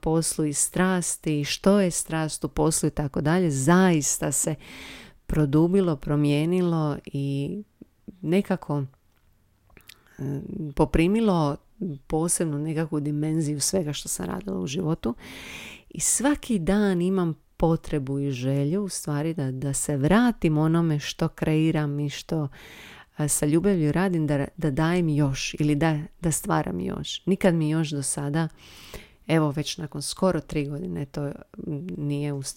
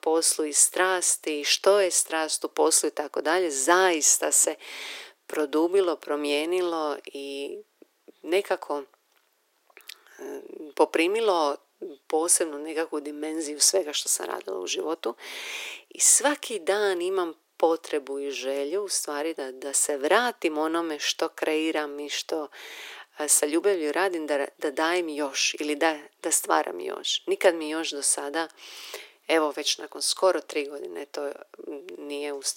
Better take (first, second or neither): first